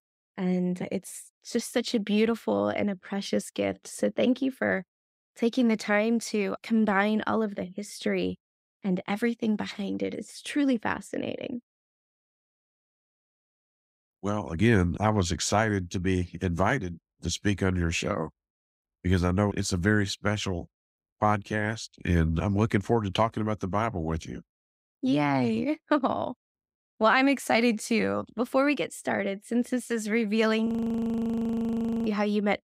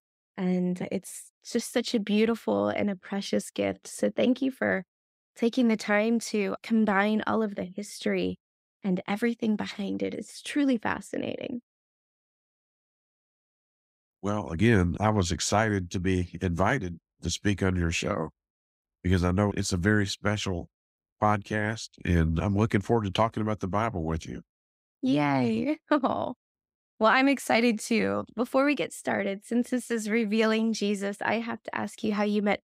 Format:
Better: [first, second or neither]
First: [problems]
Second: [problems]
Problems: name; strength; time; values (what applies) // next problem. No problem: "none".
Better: second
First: audio freezing; at 31 s for 1.5 s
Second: none